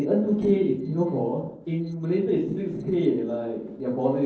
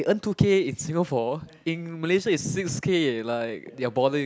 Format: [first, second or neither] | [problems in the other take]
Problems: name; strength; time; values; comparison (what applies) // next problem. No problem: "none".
second | noise reduction (neural separator model SepFormer DNS4)